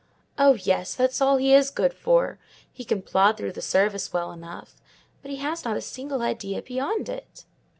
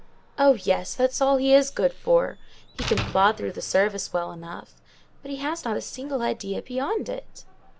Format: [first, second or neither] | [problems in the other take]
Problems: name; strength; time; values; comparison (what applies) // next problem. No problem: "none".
first | background sound (Slam); 15 dB below the speech